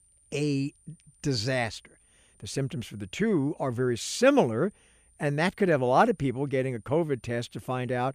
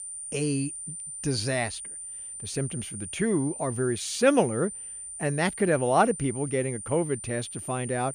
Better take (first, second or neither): first